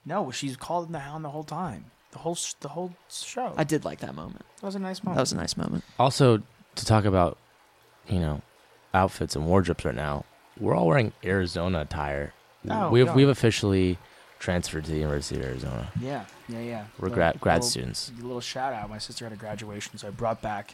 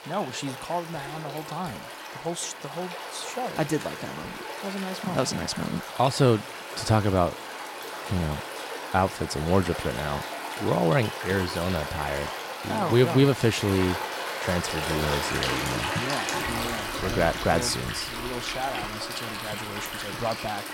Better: first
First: rain or running water; faint; throughout; 30 dB below the speech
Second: rain or running water; loud; throughout; 5 dB below the speech

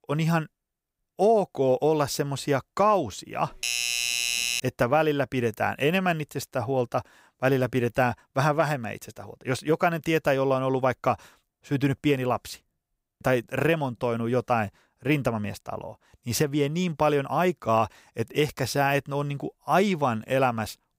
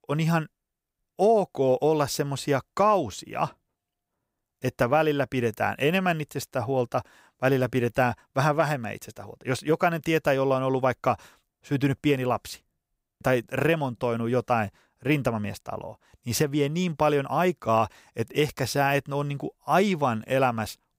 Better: second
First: doorbell; loud; from 3.5 to 4.5 s; peak 2 dB above the speech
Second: none

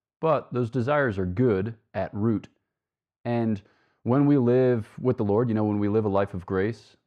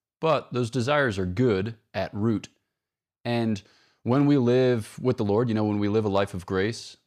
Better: second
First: muffled; slightly; fading above 2.5 kHz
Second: none

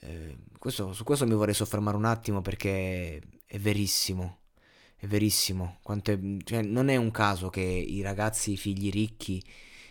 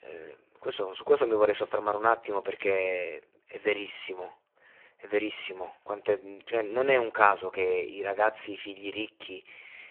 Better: first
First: none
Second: phone-call audio; poor line

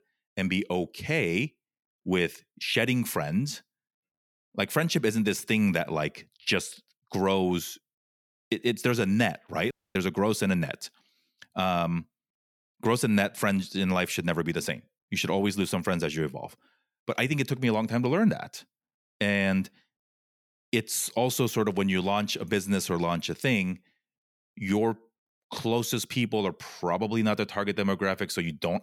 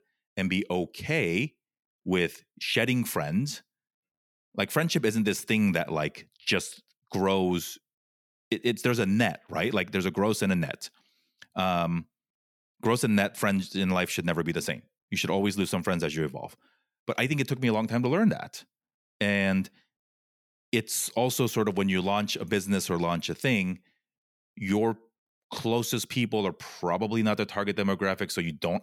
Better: second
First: audio cutting out; at 9.5 s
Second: none

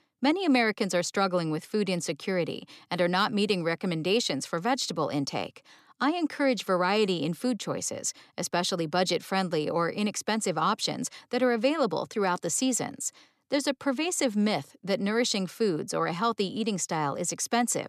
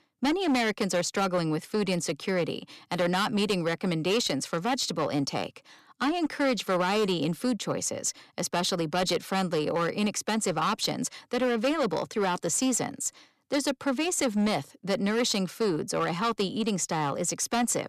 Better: first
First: none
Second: distortion; slight; 9% of the sound clipped

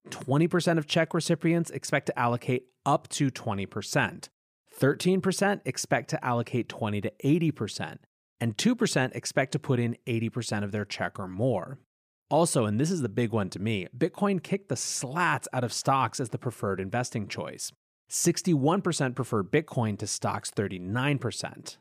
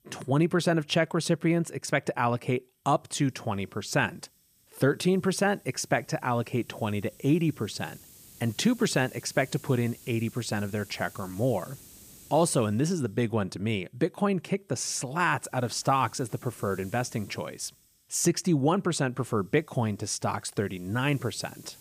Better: first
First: none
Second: hiss; faint; throughout; 25 dB below the speech

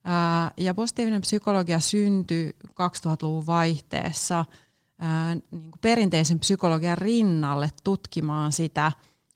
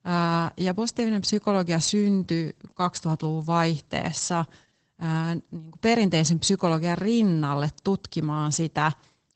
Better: first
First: garbled, watery; slightly; nothing above 15.5 kHz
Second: garbled, watery; badly; nothing above 8 kHz

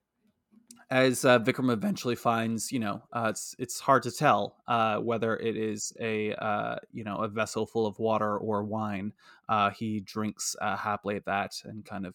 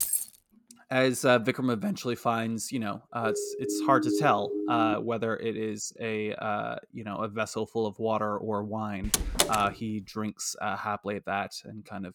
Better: first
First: none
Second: jangling keys; loud; at the start; peak 2 dB above the speech // siren; loud; from 3 to 5 s; peak 1 dB above the speech // door banging; loud; at 9 s; peak 5 dB above the speech

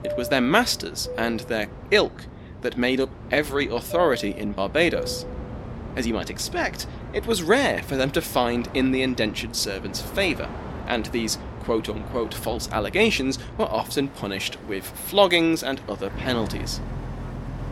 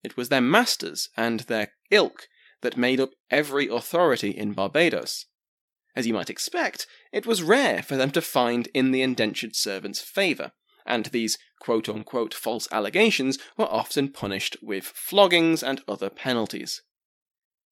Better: second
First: train or aircraft noise; noticeable; throughout; 10 dB below the speech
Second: none

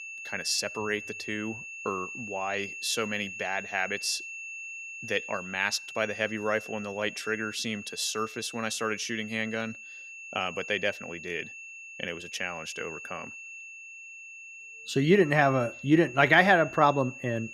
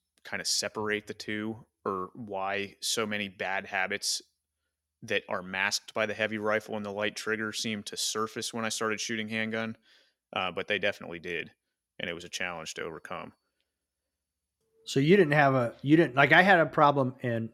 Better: second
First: high-pitched whine; noticeable; throughout; 2.5 kHz, 10 dB below the speech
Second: none

